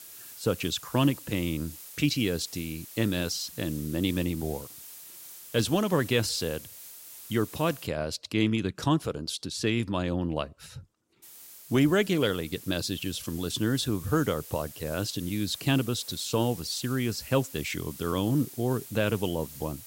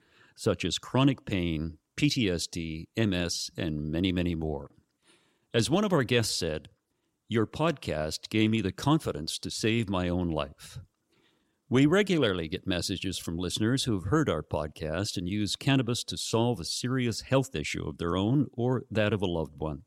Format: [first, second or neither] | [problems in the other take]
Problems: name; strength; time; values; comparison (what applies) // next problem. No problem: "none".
second | hiss; noticeable; until 8 s and from 11 s on; 15 dB below the speech